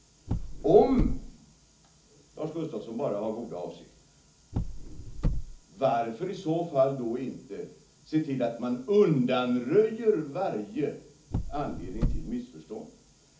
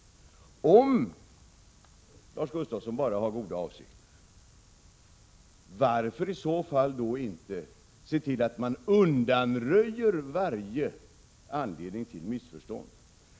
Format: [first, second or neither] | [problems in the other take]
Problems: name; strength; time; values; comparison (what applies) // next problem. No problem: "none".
second | background sound (Car); 2 dB below the speech // room echo; dies away in 0.4 s